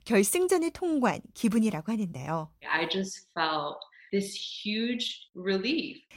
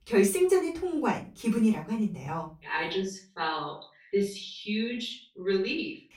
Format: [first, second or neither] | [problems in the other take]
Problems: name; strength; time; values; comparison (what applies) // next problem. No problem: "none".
first | off-mic speech; far // room echo; very slight; dies away in 0.3 s